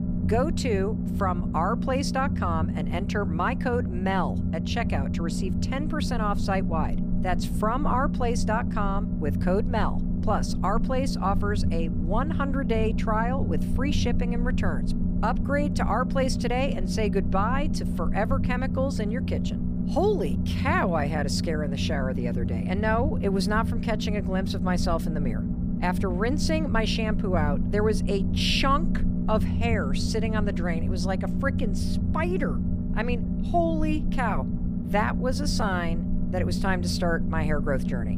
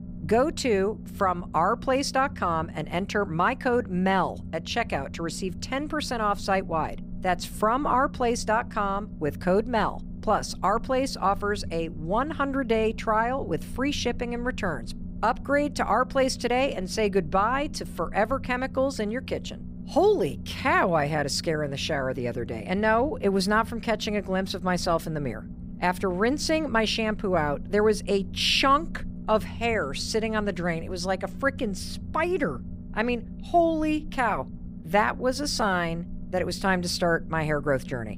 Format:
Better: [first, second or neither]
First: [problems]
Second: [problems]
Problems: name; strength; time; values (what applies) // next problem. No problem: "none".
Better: second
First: low rumble; loud; throughout; 8 dB below the speech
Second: low rumble; faint; throughout; 20 dB below the speech